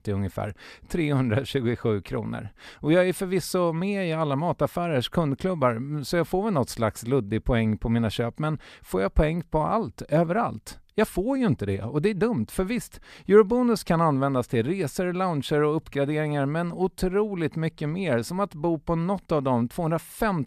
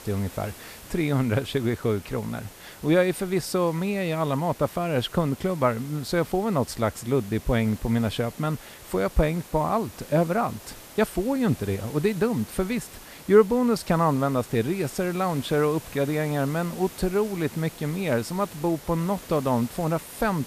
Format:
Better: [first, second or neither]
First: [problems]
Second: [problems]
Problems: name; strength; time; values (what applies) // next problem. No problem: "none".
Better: first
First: none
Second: hiss; noticeable; throughout; 20 dB below the speech